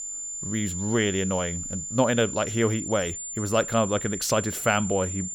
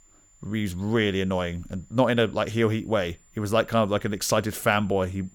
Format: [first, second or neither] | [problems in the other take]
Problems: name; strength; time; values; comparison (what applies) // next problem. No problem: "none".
second | high-pitched whine; loud; throughout; 7 kHz, 6 dB below the speech; faint in the second